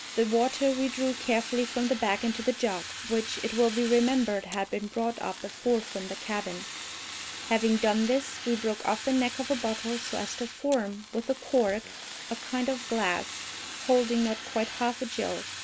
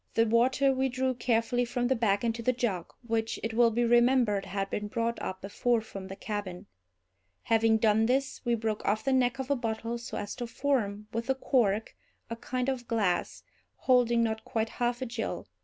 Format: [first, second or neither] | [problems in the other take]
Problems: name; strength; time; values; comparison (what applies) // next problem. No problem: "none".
second | background sound (Fire); 10 dB below the speech